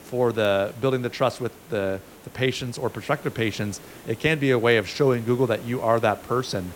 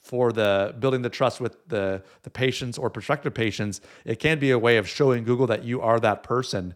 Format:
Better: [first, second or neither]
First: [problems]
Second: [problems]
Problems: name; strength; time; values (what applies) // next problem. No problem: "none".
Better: second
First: hiss; faint; throughout; 20 dB below the speech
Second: none